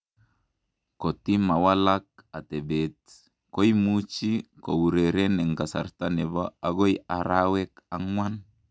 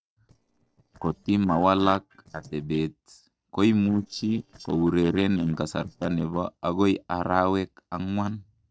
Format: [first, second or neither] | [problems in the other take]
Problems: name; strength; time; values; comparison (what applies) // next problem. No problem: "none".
first | noise reduction (neural separator model SepFormer DNS4)